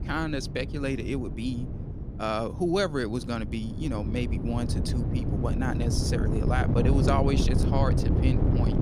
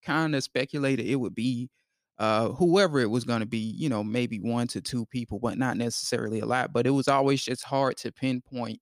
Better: second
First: wind noise on the microphone; heavy; 5 dB below the speech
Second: none

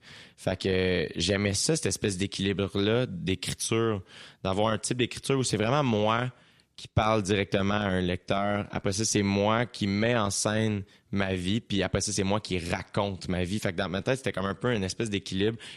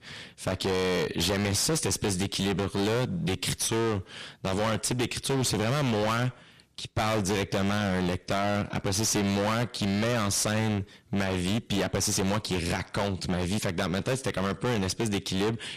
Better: first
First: none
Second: distortion; heavy; 30% of the sound clipped

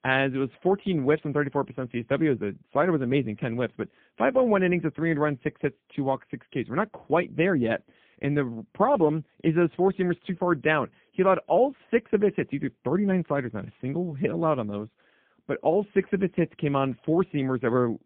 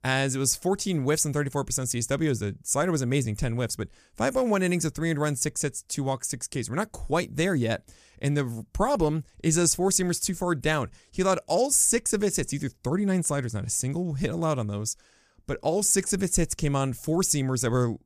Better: second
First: phone-call audio; poor line; nothing above 3.5 kHz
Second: none

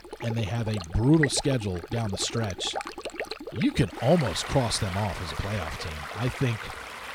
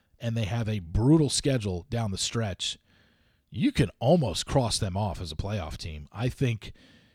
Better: second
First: rain or running water; loud; throughout; 9 dB below the speech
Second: none

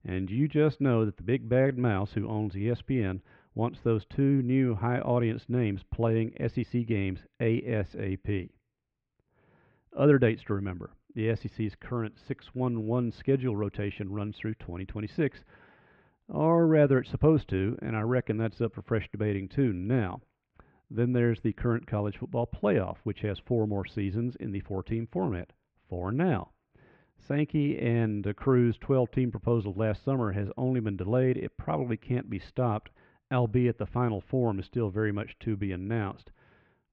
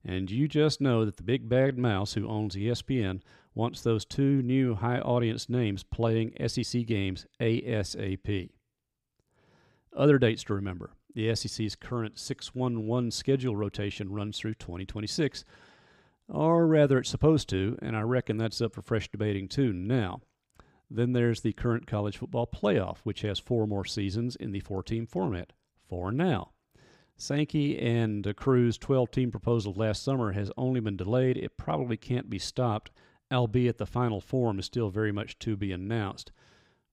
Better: second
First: muffled; very; fading above 2.5 kHz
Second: none

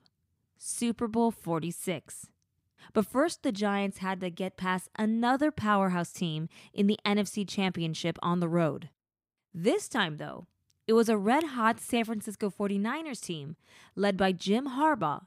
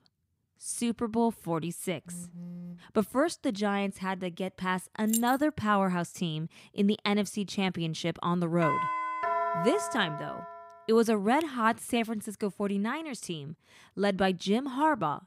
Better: first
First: none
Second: phone ringing; faint; at 2 s; peak 10 dB below the speech // jangling keys; noticeable; at 5 s; peak 4 dB below the speech // doorbell; loud; from 8.5 to 11 s; peak level with the speech

